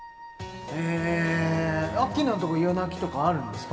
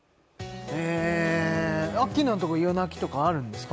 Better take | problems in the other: second | background sound (Wind instrument, woodwind instrument); 16 dB below the speech // room echo; dies away in 1.9 s

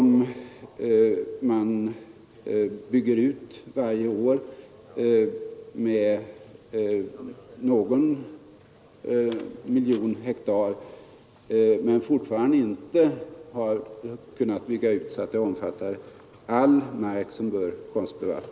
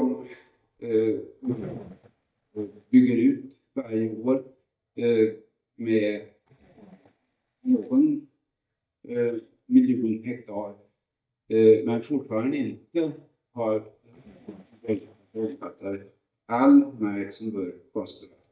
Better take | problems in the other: first | noise reduction (neural mask model DeepFilterNet 3)

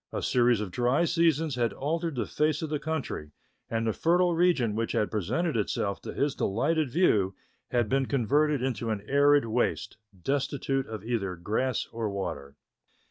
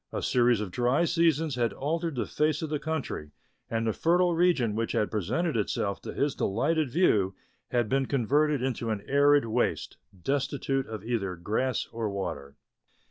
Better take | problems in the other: second | noise reduction (neural mask model RNNoise)

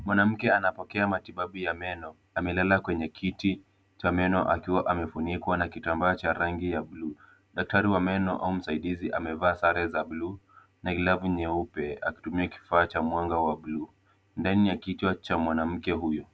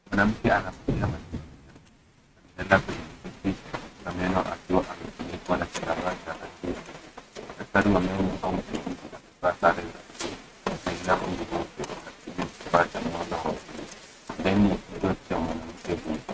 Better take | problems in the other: first | noise reduction (neural mask model RNNoise)

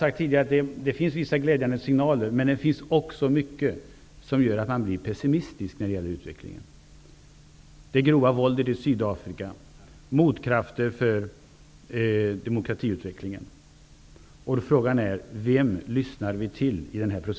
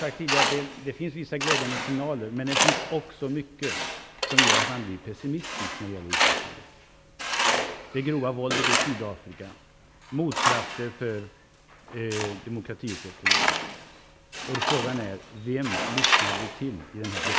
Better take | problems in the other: first | background sound (Tools); 4 dB above the speech

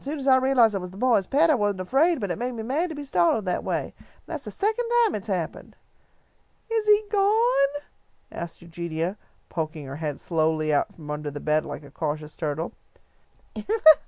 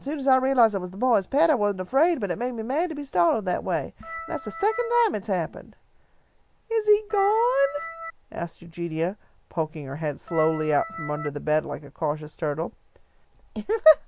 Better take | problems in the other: first | background sound (Organ); 11 dB below the speech

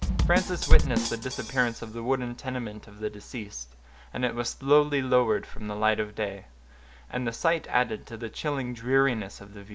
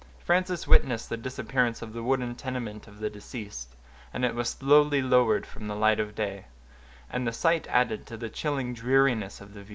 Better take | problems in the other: second | background sound (Bass drum / Snare drum); 3 dB below the speech

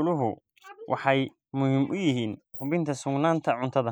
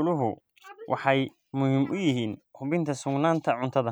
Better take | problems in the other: second | noise reduction (neural mask model Resemble Enhance denoiser)

